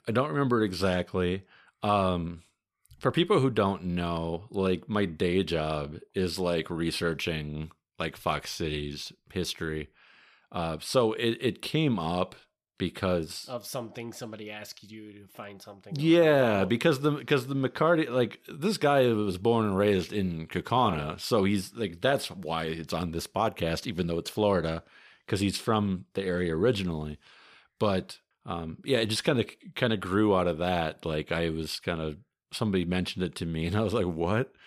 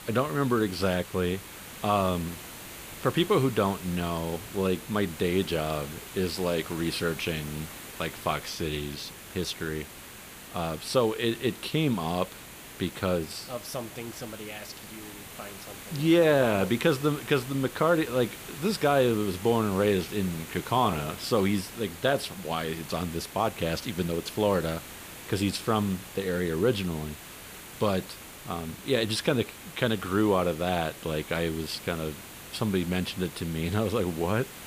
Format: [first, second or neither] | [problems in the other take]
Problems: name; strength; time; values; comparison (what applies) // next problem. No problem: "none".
first | hiss; noticeable; throughout; 15 dB below the speech